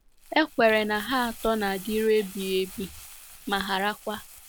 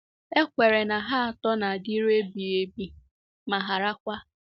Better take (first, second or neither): second